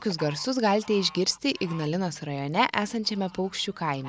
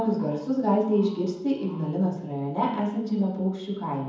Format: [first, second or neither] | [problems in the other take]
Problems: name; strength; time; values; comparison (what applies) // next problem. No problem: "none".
first | room echo; dies away in 1.2 s